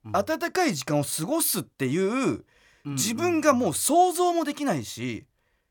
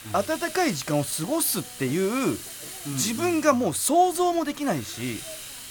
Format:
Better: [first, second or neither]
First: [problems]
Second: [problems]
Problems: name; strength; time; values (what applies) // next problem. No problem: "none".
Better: first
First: none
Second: hiss; noticeable; throughout; 15 dB below the speech